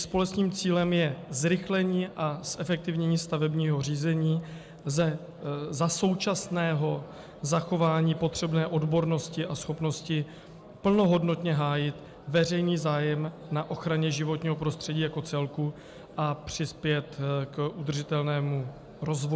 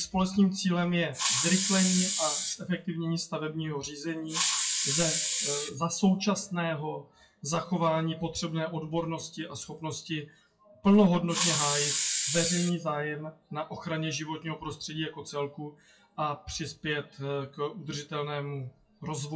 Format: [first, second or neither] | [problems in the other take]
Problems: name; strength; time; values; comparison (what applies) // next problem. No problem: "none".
first | noise reduction (classical method WPE with log-MMSE)